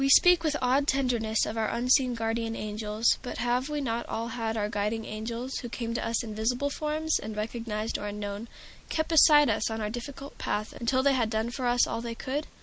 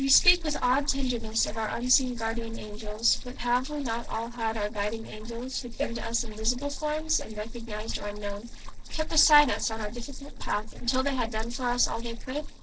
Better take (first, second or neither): first